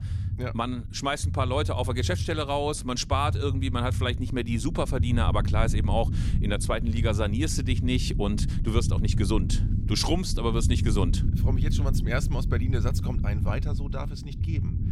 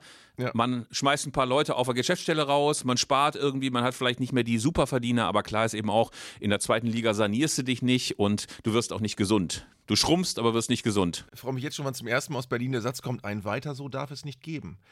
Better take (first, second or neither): second